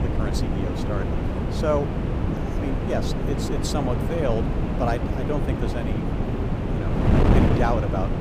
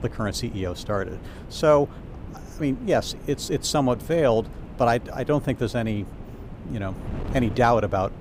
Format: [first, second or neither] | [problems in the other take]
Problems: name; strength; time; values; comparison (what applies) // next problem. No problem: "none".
second | wind noise on the microphone; heavy; 1 dB below the speech; occasional gusts in the second